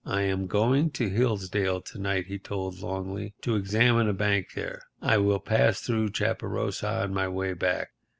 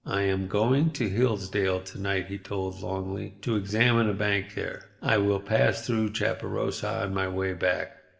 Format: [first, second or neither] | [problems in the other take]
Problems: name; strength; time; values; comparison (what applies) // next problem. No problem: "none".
first | room echo; dies away in 0.7 s